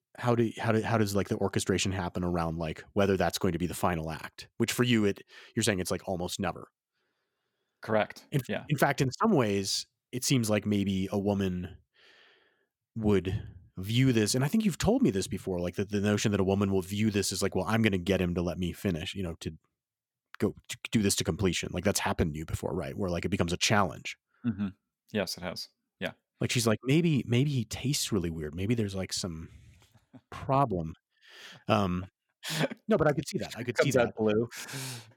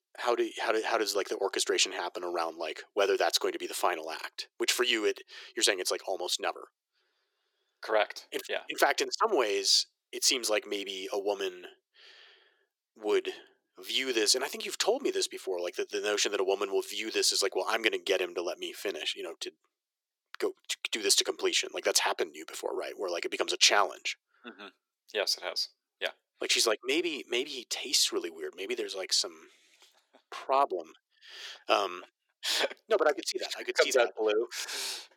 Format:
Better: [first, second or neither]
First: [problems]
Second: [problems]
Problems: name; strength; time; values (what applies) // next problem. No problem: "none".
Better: first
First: none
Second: thin; very; fading below 350 Hz